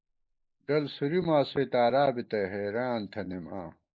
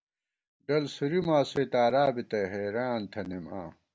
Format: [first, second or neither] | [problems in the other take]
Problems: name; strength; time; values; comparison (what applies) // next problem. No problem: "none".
second | noise reduction (neural mask model Resemble Enhance denoiser)